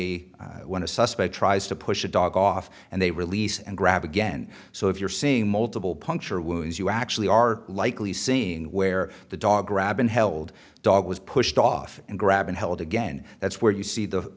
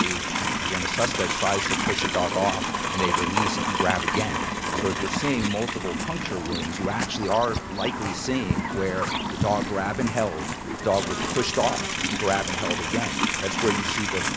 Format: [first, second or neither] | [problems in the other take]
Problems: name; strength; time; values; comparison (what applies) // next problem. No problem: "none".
first | background sound (Livestock, farm animals, working animals); 1 dB above the speech